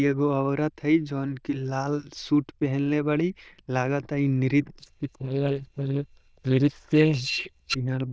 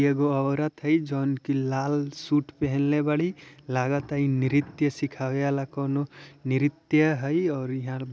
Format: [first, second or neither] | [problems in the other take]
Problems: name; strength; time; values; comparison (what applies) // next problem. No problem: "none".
second | noise reduction (neural diffusion model UNIVERSE++)